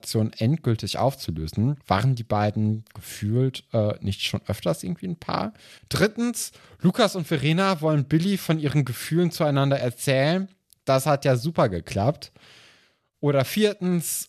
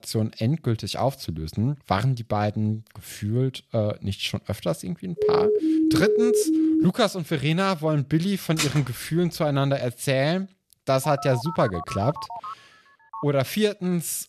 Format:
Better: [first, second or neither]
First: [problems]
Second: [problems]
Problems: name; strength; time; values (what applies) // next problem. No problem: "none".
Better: first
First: none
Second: siren; loud; from 5 to 7 s; peak 5 dB above the speech // clattering dishes; noticeable; at 8.5 s; peak 2 dB below the speech // phone ringing; noticeable; from 11 to 13 s; peak 9 dB below the speech